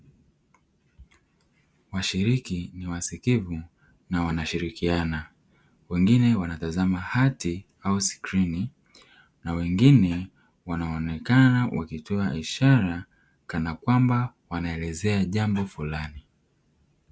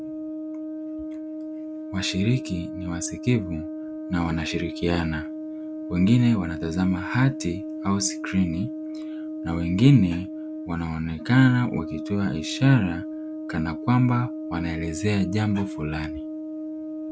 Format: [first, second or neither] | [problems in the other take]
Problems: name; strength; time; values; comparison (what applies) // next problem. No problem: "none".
first | background sound (Brass instrument); 8 dB below the speech